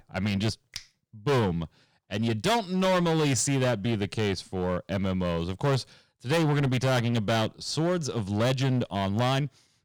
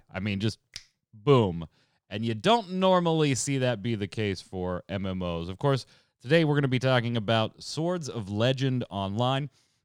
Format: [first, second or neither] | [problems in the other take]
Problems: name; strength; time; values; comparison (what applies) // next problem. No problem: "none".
second | distortion; heavy; 14% of the sound clipped